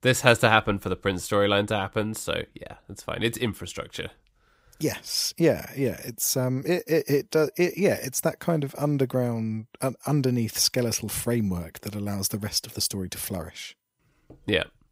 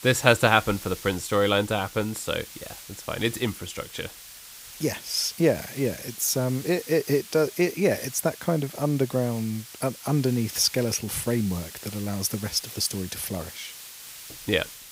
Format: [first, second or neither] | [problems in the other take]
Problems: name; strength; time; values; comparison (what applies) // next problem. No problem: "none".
first | hiss; noticeable; throughout; 15 dB below the speech